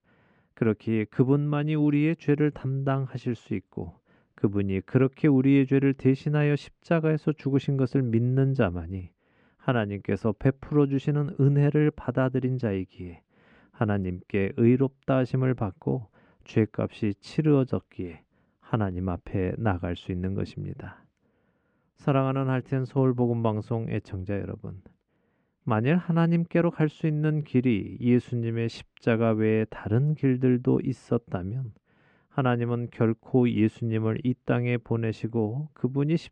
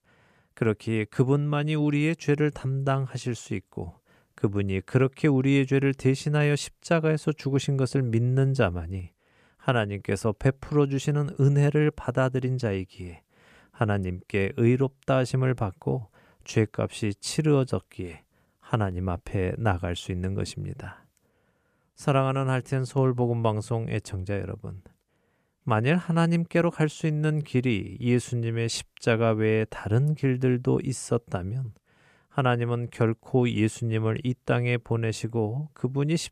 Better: second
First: muffled; slightly; fading above 3 kHz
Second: none

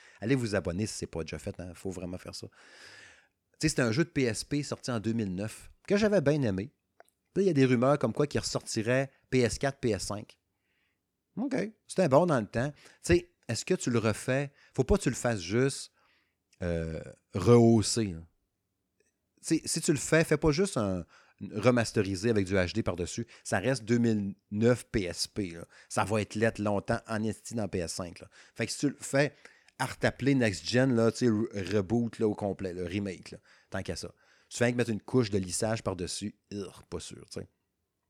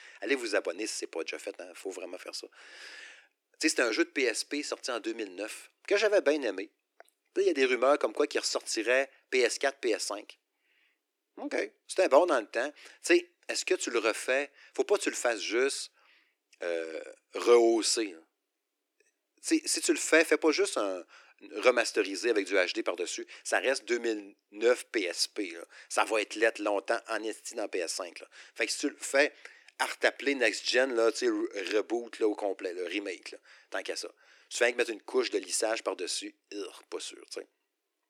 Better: first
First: none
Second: thin; very; fading below 300 Hz

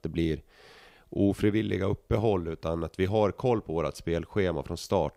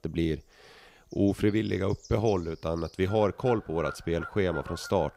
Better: first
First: none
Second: animal sounds; noticeable; throughout; 15 dB below the speech

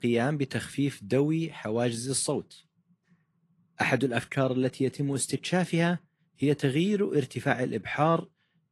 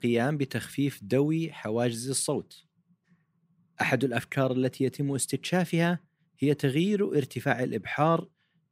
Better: second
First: garbled, watery; slightly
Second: none

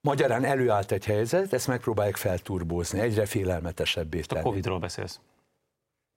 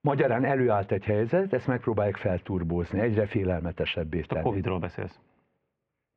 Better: first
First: none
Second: muffled; very; fading above 2.5 kHz

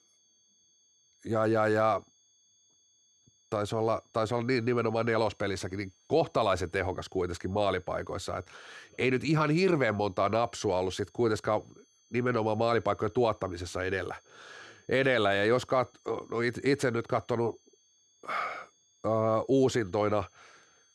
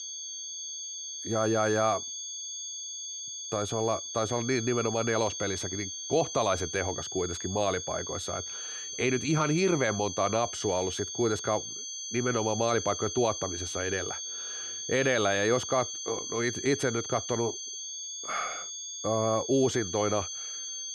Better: first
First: high-pitched whine; faint; throughout; 6.5 kHz, 35 dB below the speech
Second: high-pitched whine; loud; throughout; 6.5 kHz, 5 dB below the speech

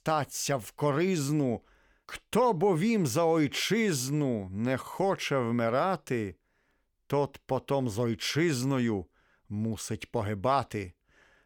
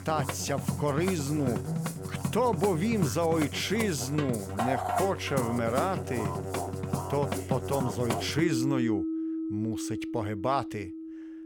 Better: first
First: none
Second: background music; loud; throughout; 3 dB below the speech

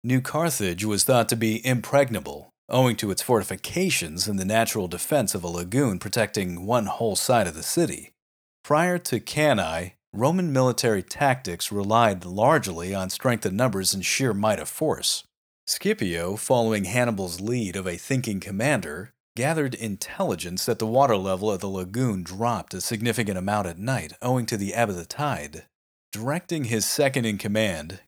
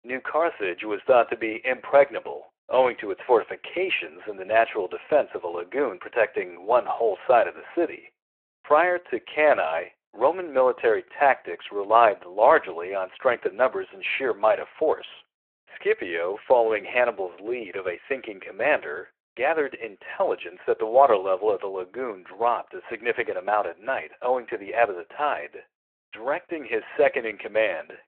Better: first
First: none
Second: phone-call audio

